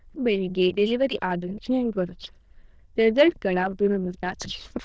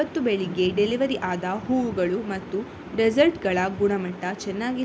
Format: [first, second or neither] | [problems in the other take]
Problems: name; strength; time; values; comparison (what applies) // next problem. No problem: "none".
second | noise reduction (neural diffusion model UNIVERSE++)